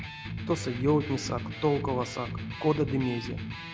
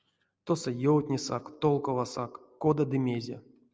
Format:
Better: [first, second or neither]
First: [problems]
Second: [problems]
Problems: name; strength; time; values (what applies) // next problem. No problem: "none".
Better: second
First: background sound (Electric guitar); 7 dB below the speech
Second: none